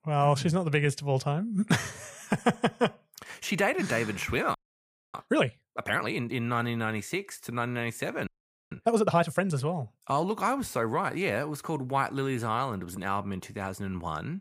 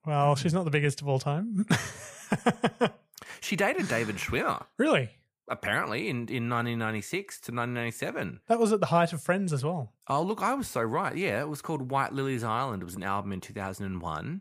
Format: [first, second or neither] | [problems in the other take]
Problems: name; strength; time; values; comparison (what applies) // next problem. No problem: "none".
second | audio freezing; at 4.5 s for 0.5 s and at 8.5 s